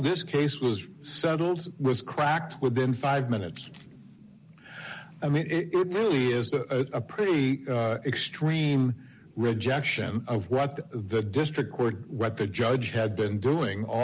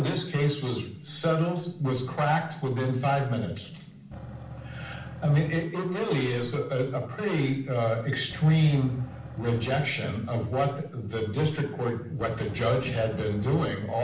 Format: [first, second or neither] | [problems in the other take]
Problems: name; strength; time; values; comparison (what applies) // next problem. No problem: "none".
first | background sound (Engine / Truck / Car); 13 dB below the speech // room echo; dies away in 0.6 s